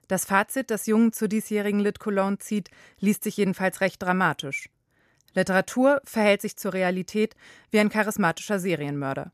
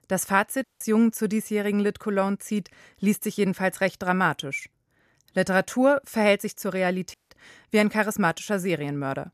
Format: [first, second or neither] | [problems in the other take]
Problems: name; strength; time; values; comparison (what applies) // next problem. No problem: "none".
first | audio cutting out; at 0.5 s and at 7 s